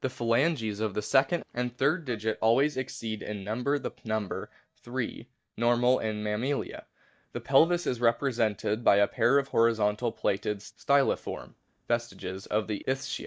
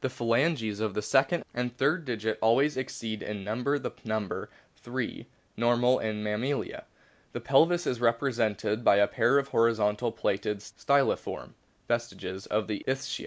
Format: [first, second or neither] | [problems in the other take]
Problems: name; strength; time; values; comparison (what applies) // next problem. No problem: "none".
second | noise reduction (neural mask model DeepFilterNet 3)